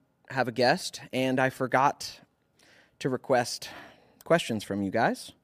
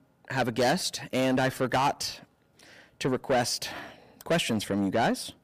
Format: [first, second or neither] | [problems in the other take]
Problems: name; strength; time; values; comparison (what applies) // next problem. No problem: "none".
first | distortion; heavy; 7 dB below the speech